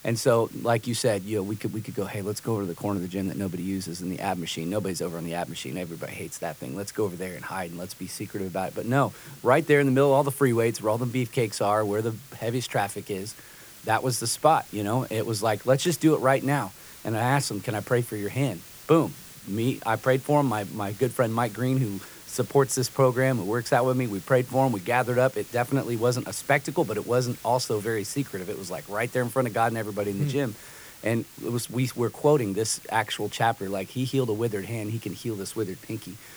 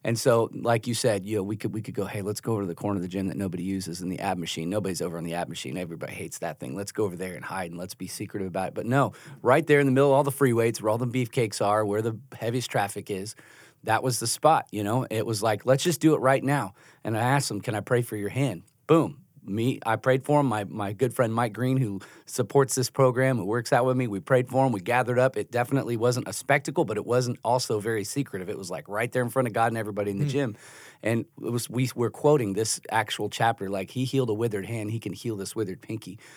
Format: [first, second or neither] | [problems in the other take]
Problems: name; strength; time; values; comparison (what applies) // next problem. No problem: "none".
second | hiss; noticeable; throughout; 20 dB below the speech